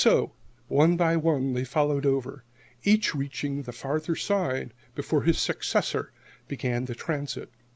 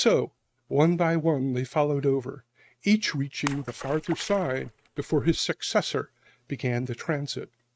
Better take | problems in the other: first | noise reduction (neural mask model RNNoise)

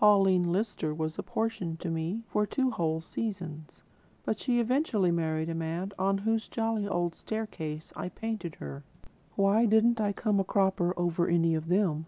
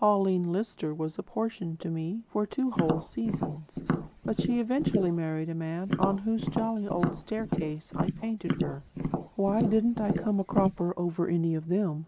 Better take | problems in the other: first | noise reduction (neural mask model Resemble Enhance denoiser)

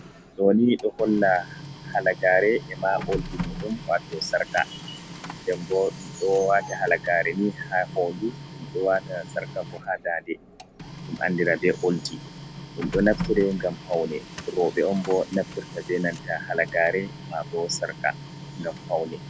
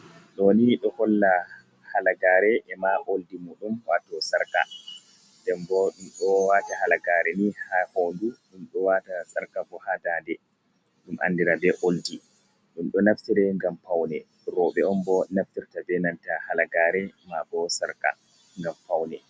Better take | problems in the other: second | background sound (Printer); 12 dB below the speech

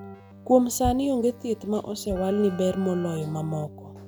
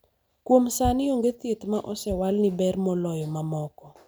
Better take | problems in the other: second | background sound (Keyboard (musical)); 17 dB below the speech

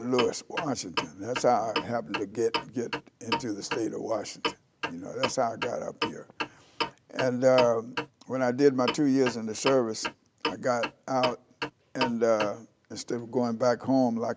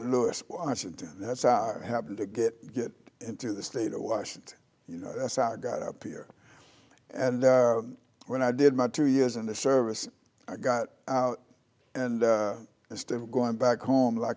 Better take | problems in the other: second | background sound (Clock); 7 dB below the speech

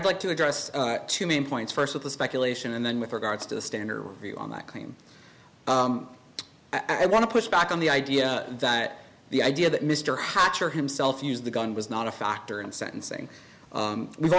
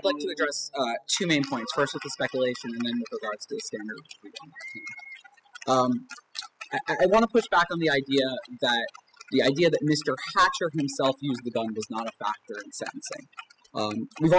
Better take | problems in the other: first | noise reduction (classical method spectral subtraction)

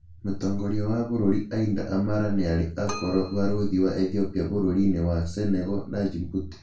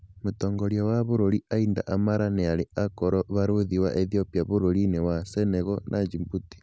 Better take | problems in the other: second | background sound (Keyboard (musical)); 20 dB below the speech // room echo; dies away in 0.3 s

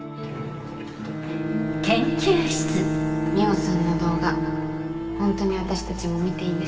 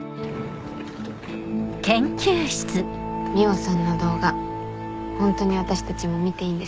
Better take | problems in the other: second | background sound (Bowed string instrument); 4 dB below the speech // room echo; dies away in 2.3 s

